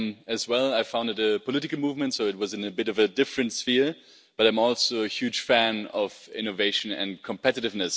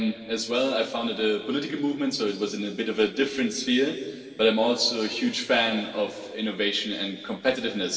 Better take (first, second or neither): first